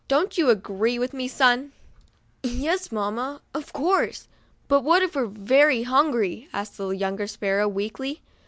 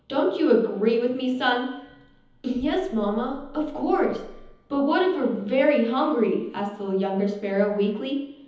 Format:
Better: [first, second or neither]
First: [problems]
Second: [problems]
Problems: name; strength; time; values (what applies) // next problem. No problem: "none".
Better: first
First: none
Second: room echo; dies away in 1.3 s